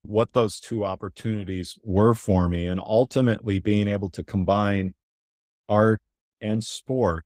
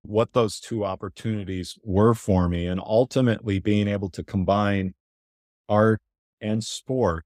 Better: second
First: garbled, watery; slightly; nothing above 15.5 kHz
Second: none

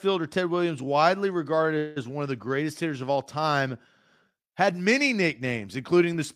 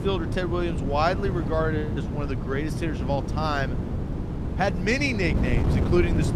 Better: first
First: none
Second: wind noise on the microphone; heavy; 8 dB below the speech

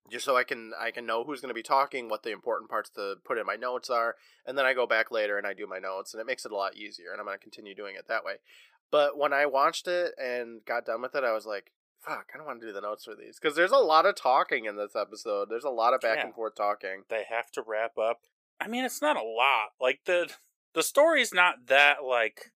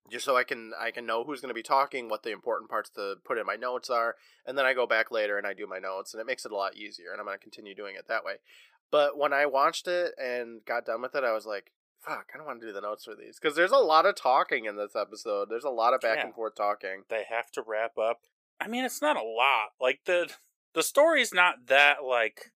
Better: neither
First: thin; somewhat; fading below 500 Hz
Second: thin; somewhat; fading below 500 Hz

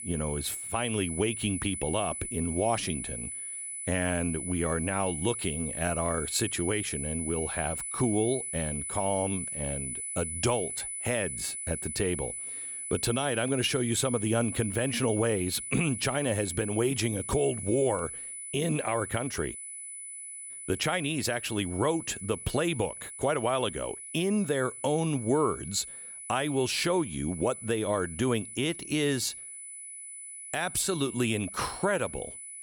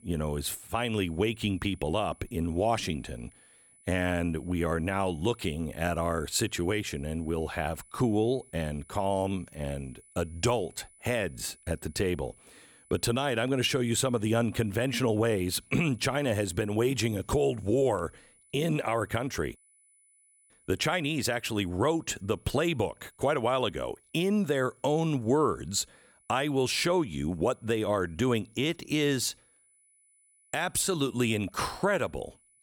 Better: second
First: high-pitched whine; loud; throughout; 10 kHz, 6 dB below the speech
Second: high-pitched whine; faint; throughout; 10 kHz, 30 dB below the speech

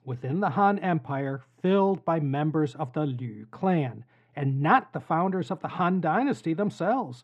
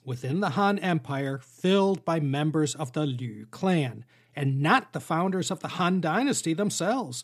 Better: second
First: muffled; very; fading above 4 kHz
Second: none

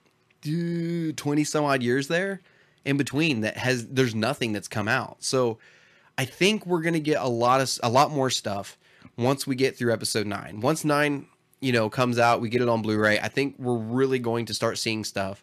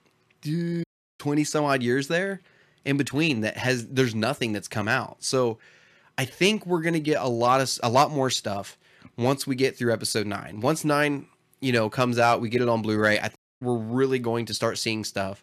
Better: first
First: none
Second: audio cutting out; at 1 s and at 13 s

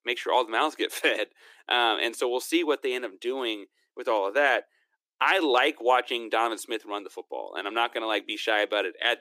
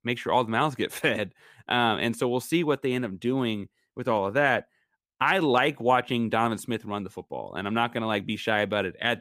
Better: second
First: thin; very; fading below 300 Hz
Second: none

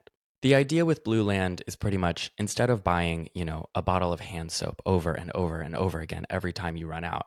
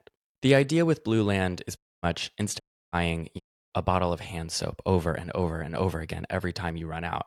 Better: first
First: none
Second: audio cutting out; at 2 s, at 2.5 s and at 3.5 s

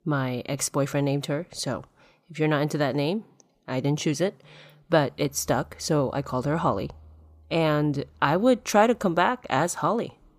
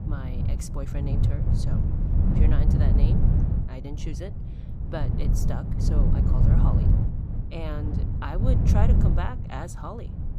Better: first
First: none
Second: wind noise on the microphone; heavy; 1 dB above the speech

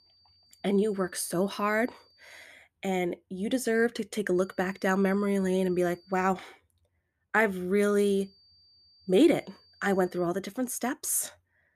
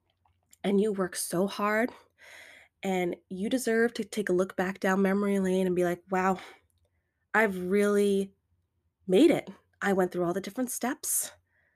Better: second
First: high-pitched whine; faint; until 2.5 s, from 4.5 to 6.5 s and from 8 to 10 s; 4.5 kHz, 30 dB below the speech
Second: none

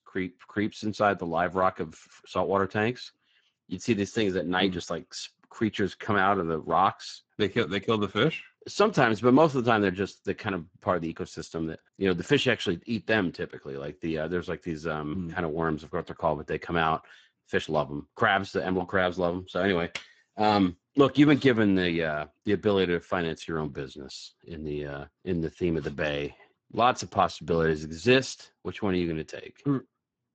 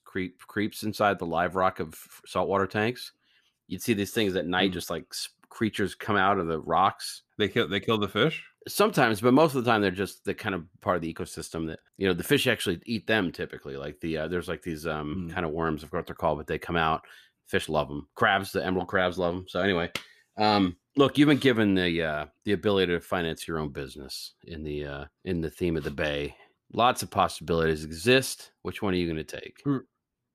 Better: second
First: garbled, watery; badly; nothing above 7.5 kHz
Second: none

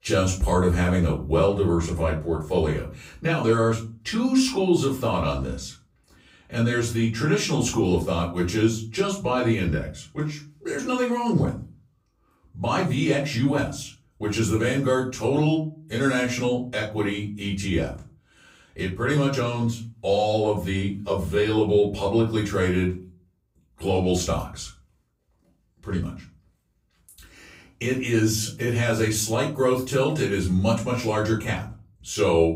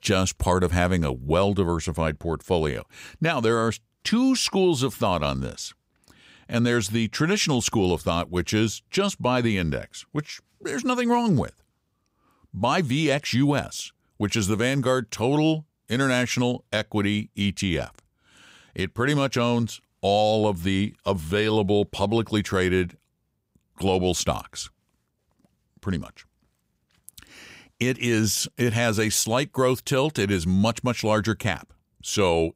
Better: second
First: off-mic speech; far // room echo; slight; dies away in 0.3 s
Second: none

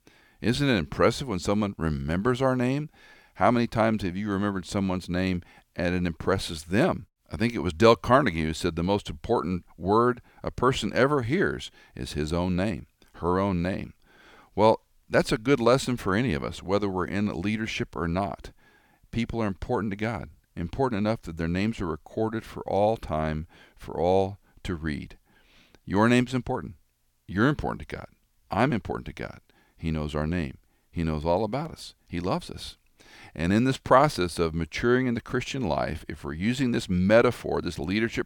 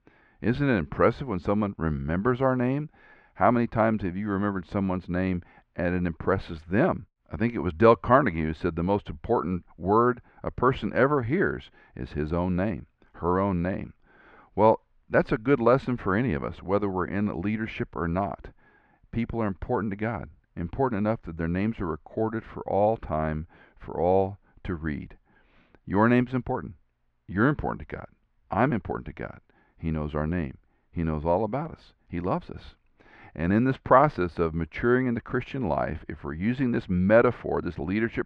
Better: first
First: none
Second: muffled; very; fading above 1.5 kHz

